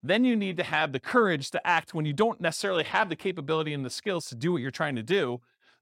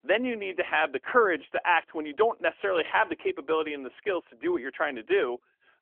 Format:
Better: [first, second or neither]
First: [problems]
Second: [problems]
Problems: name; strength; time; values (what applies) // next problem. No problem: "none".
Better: first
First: none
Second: phone-call audio; nothing above 3.5 kHz